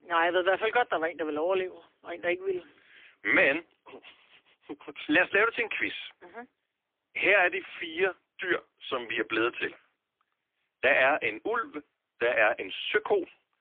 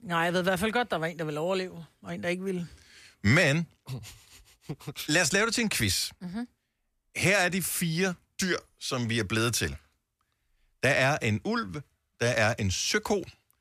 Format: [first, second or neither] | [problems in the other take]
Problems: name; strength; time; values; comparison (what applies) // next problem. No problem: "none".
second | phone-call audio; poor line; nothing above 3.5 kHz